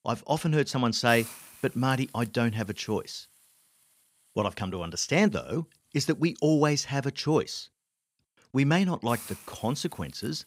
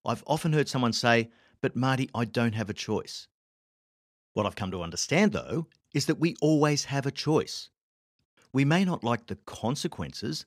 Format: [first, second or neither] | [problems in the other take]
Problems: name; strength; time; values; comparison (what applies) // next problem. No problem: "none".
second | hiss; noticeable; throughout; 20 dB below the speech